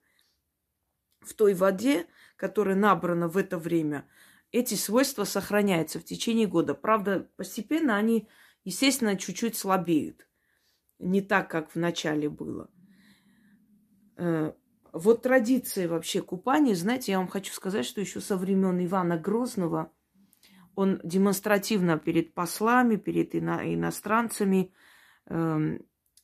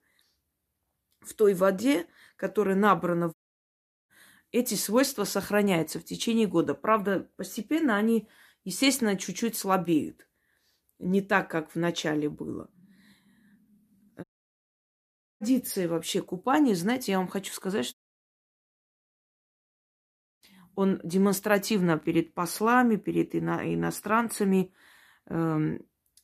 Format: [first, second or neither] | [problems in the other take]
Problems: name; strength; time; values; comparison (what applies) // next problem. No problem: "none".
first | audio cutting out; at 3.5 s for 1 s, at 14 s for 1 s and at 18 s for 2.5 s